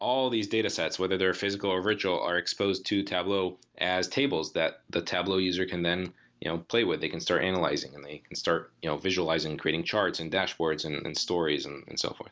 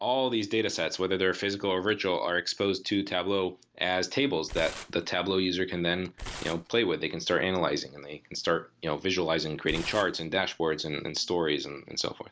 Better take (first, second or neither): first